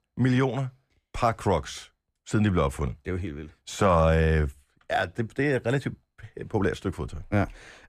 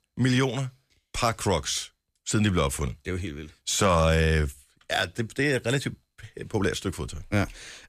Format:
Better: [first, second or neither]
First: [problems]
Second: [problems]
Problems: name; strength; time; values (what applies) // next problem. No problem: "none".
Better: second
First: muffled; slightly; fading above 2.5 kHz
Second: none